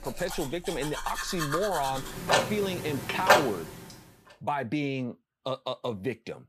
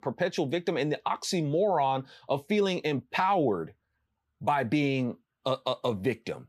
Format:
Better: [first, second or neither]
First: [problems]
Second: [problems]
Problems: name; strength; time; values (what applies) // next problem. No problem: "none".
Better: second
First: household noises; very loud; until 4 s; 3 dB above the speech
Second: none